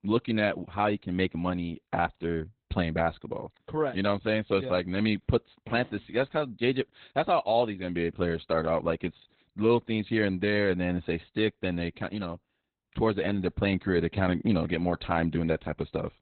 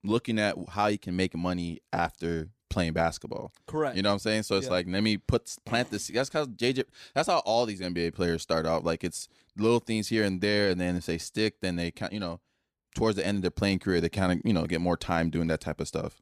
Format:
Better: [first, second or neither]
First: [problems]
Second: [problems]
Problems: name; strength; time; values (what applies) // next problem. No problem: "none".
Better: second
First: garbled, watery; badly; nothing above 4 kHz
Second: none